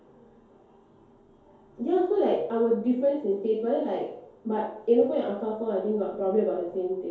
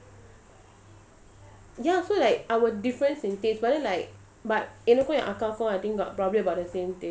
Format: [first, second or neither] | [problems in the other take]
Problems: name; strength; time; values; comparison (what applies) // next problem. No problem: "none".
second | room echo; dies away in 2.4 s